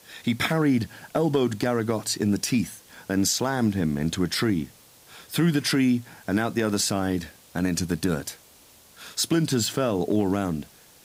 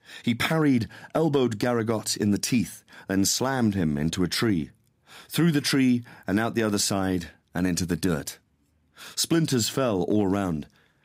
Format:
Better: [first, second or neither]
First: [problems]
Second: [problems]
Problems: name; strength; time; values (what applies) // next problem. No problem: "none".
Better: second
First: hiss; faint; throughout; 25 dB below the speech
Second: none